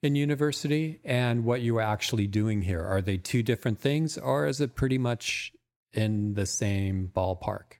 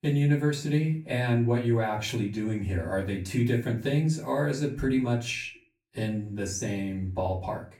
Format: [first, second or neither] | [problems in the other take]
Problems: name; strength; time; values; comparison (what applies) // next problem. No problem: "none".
first | off-mic speech; far // room echo; slight; dies away in 0.3 s